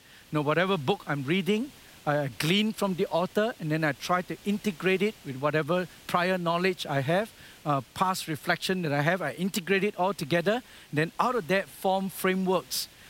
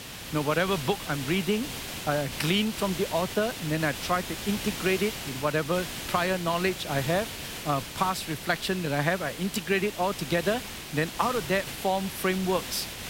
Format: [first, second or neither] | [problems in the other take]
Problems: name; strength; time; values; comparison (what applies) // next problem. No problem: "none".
first | hiss; loud; throughout; 7 dB below the speech; faint in the first